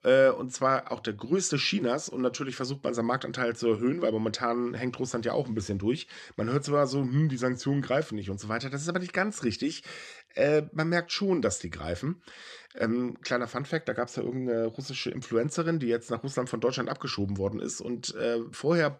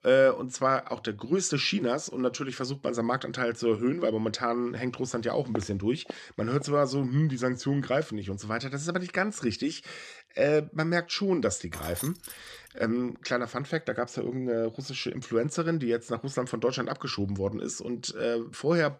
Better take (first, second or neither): first